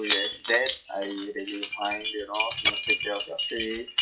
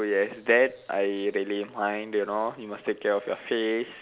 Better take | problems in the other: second | noise reduction (classical method WPE with log-MMSE)

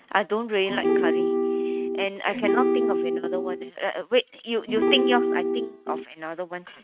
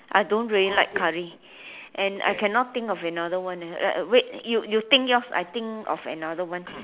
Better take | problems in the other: second | noise reduction (neural mask model RNNoise)

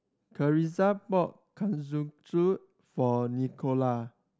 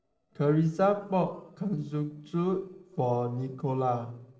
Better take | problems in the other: first | noise reduction (neural separator model SepFormer DNS4)

